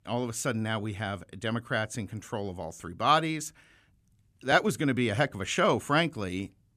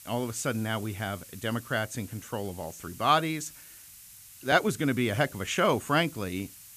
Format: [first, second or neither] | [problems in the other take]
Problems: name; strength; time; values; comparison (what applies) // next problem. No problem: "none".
first | hiss; noticeable; throughout; 20 dB below the speech